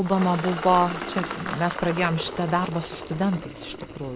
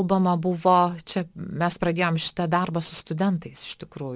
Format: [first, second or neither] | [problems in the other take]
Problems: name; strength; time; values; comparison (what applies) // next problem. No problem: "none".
second | background sound (Engine); 8 dB below the speech